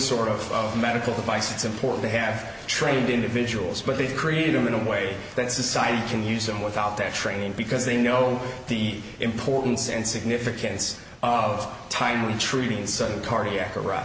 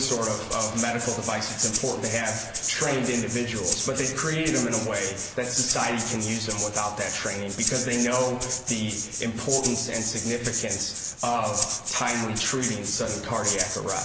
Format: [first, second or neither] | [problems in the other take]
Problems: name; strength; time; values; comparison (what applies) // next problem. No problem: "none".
first | background sound (Rattle (instrument)); 3 dB below the speech